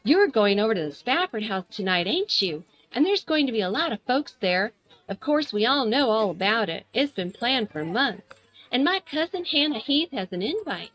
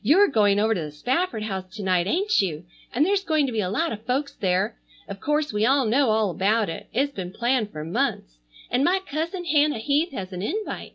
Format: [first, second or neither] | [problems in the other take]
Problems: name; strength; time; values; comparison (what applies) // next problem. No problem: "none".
second | noise reduction (neural mask model RNNoise)